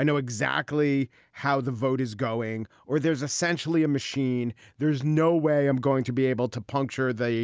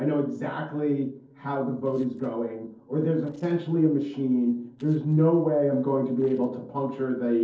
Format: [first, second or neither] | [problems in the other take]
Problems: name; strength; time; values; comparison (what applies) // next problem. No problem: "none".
first | noise reduction (neural separator model SepFormer DNS4)